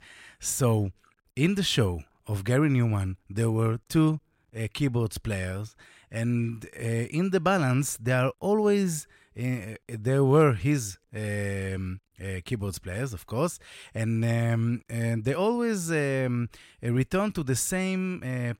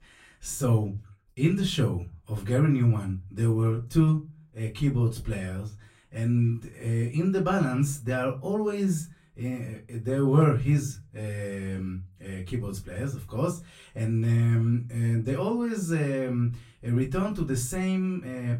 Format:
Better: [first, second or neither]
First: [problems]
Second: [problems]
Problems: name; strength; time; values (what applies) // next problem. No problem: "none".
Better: first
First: none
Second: off-mic speech; far // room echo; very slight; dies away in 0.2 s